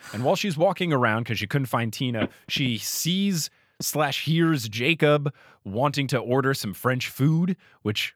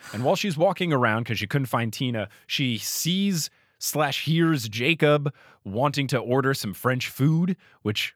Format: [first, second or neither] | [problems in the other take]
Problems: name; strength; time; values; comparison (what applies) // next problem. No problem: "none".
second | phone ringing; noticeable; from 2 to 4 s; peak 8 dB below the speech